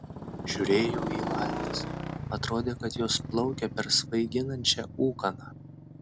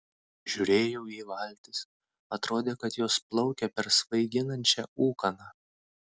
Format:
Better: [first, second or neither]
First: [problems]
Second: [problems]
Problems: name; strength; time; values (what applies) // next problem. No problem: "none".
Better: second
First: background sound (Motorcycle); 5 dB below the speech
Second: none